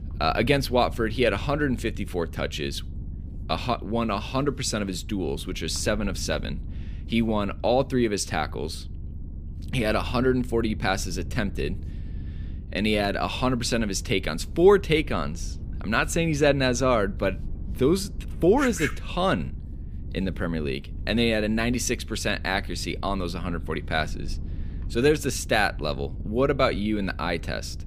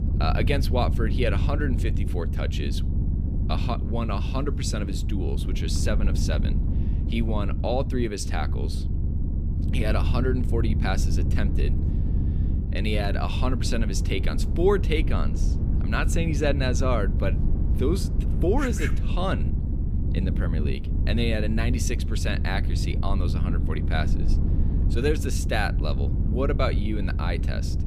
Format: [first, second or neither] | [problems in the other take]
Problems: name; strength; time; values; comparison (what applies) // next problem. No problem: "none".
first | low rumble; loud; throughout; 9 dB below the speech; faint in the first